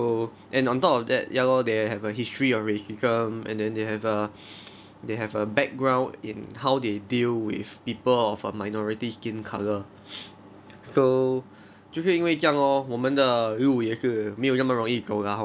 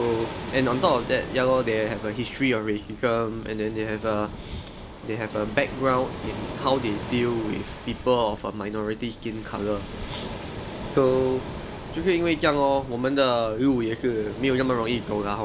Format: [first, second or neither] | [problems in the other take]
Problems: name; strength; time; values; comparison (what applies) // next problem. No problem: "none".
first | background sound (Waves, surf); 11 dB below the speech